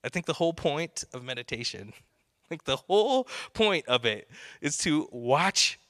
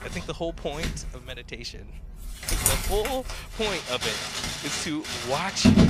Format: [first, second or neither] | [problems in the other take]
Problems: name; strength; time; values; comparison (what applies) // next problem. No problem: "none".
first | household noises; very loud; throughout; 3 dB above the speech